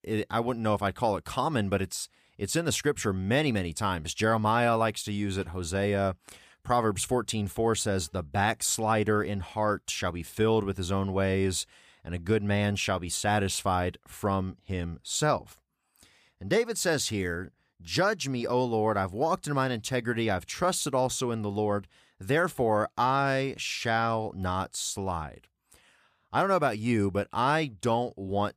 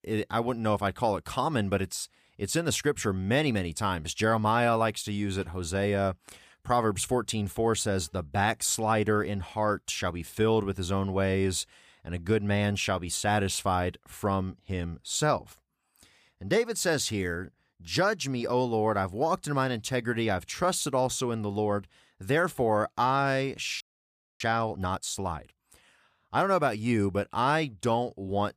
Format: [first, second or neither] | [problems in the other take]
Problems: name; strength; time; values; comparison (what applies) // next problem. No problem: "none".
first | audio freezing; at 24 s for 0.5 s